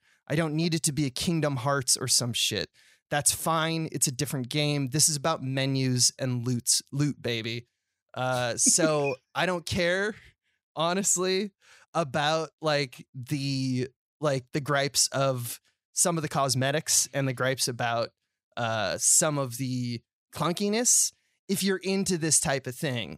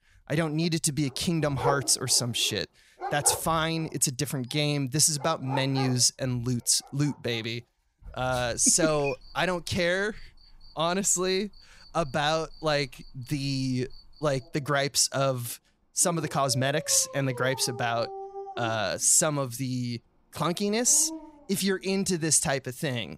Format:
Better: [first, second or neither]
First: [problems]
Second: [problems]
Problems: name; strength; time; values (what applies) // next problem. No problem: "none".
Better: first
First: none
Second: animal sounds; noticeable; throughout; 15 dB below the speech